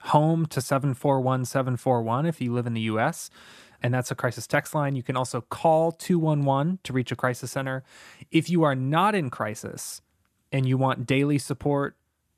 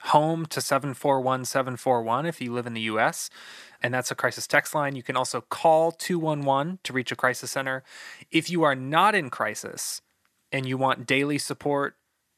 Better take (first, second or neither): first